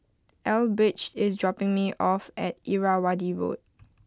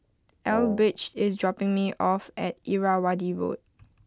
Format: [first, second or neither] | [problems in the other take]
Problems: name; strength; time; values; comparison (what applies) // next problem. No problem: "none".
first | background sound (Wind instrument, woodwind instrument); 8 dB below the speech